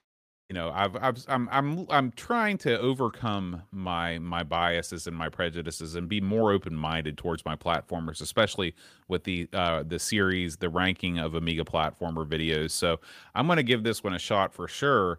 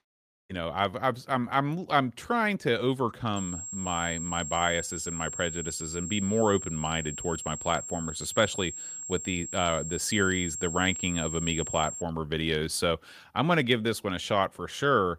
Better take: first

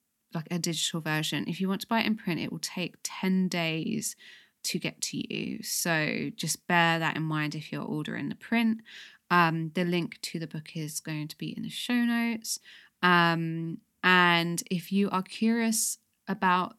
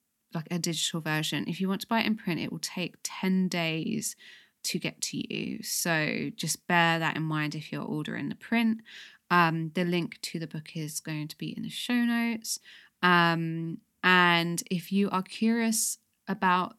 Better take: neither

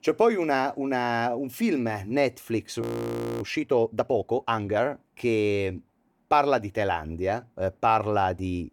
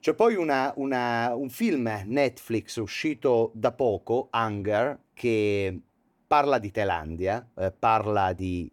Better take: second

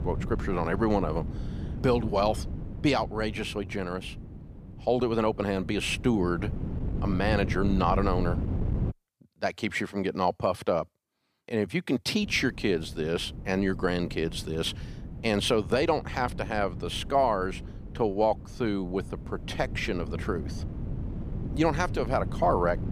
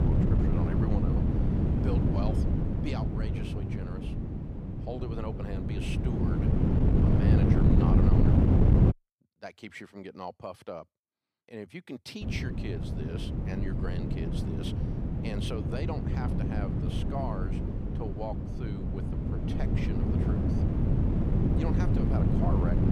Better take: first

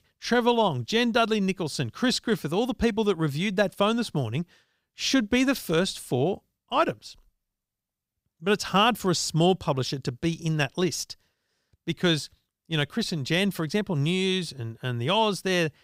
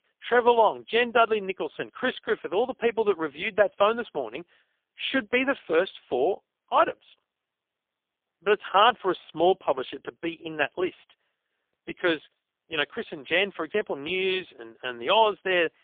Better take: first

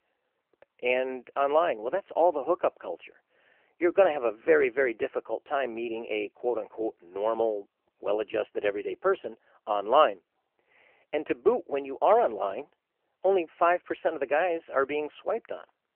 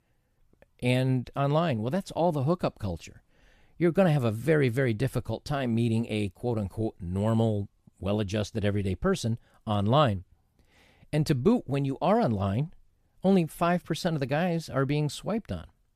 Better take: second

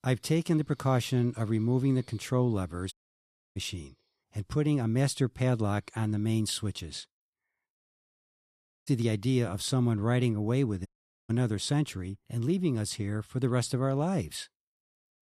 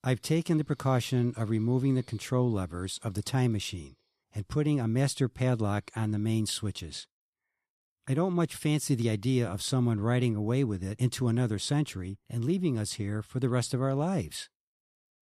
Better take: second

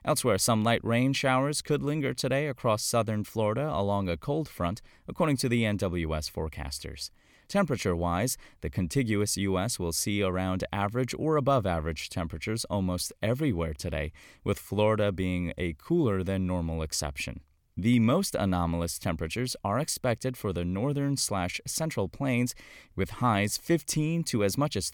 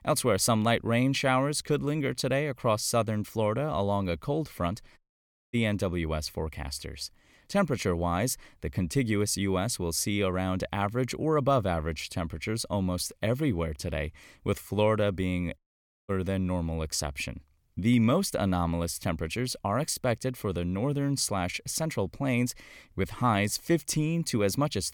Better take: first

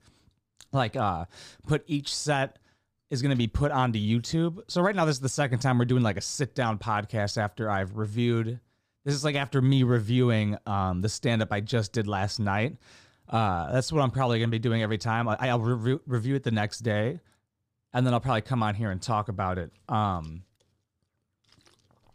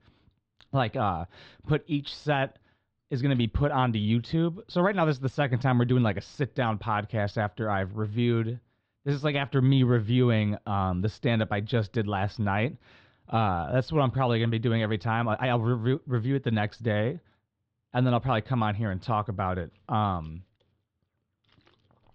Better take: first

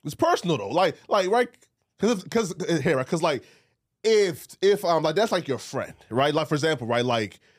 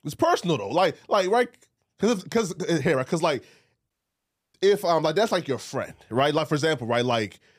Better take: first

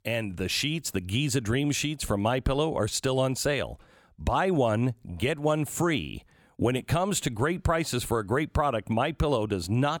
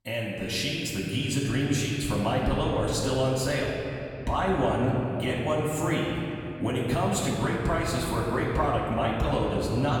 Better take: first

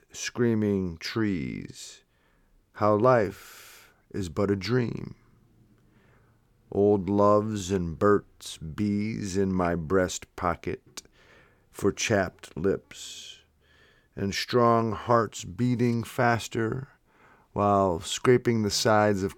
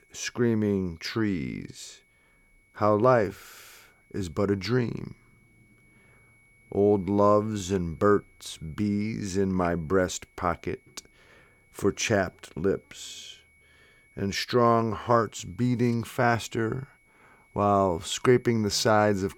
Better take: first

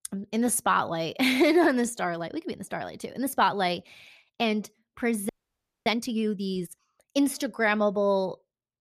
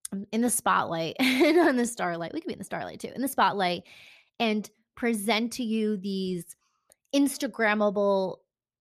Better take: second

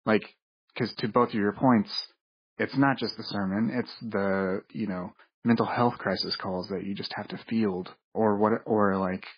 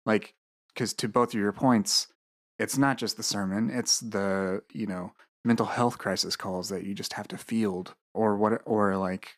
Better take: second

